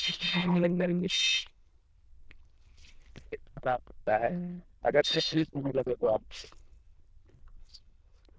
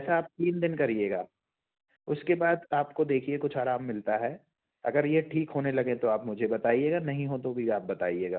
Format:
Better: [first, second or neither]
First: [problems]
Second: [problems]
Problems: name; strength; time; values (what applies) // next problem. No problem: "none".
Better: second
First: noise reduction (neural diffusion model UNIVERSE++)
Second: none